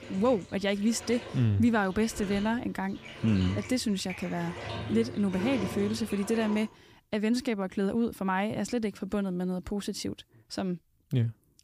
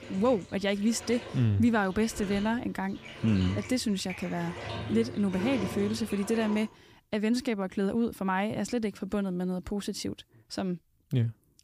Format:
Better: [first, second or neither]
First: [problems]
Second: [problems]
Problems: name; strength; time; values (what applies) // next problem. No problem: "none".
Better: neither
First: household noises; noticeable; until 6.5 s; 10 dB below the speech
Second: household noises; noticeable; until 6.5 s; 10 dB below the speech